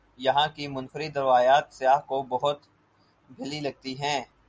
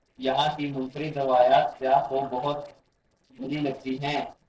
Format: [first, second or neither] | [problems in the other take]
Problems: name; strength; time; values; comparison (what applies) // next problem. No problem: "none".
first | noise reduction (neural separator model SepFormer DNS4)